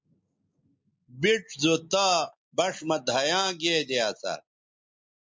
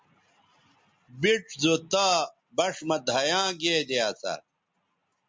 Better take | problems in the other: second | noise reduction (neural mask model Resemble Enhance denoiser)

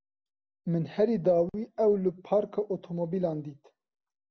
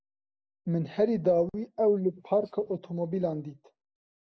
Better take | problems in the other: first | noise reduction (neural mask model Resemble Enhance denoiser)

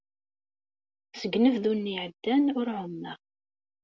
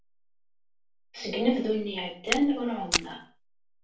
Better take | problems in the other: first | background sound (Walk, footsteps); 2 dB below the speech // room echo; dies away in 0.3 s

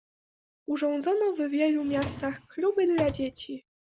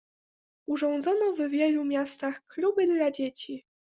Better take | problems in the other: second | background sound (Drawer open or close); 12 dB below the speech

